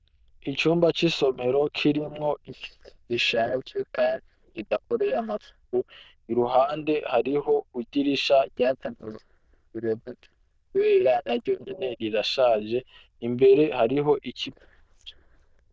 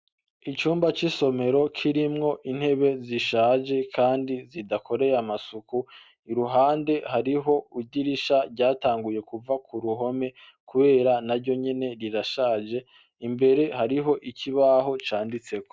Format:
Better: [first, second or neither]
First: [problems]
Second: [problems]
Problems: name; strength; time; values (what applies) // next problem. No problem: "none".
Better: second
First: noise reduction (neural diffusion model UNIVERSE++)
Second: none